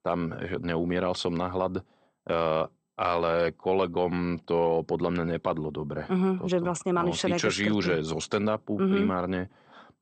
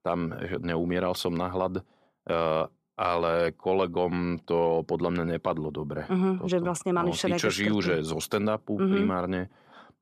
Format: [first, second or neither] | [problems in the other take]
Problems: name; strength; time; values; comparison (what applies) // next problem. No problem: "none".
second | garbled, watery; slightly; nothing above 8.5 kHz